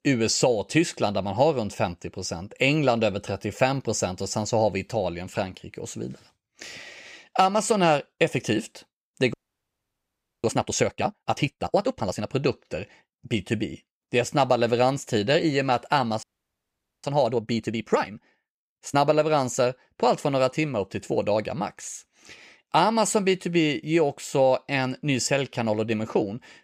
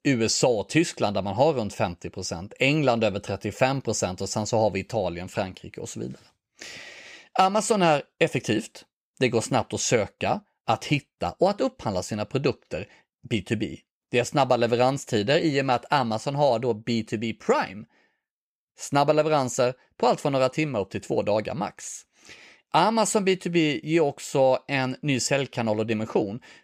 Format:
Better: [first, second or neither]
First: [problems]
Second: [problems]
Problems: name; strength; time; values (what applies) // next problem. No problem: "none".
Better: second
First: audio freezing; at 9.5 s for 1 s and at 16 s for 1 s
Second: none